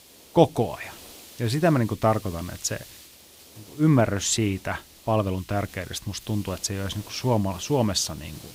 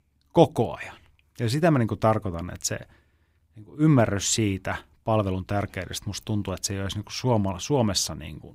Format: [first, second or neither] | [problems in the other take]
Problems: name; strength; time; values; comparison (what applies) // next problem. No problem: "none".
second | hiss; noticeable; throughout; 20 dB below the speech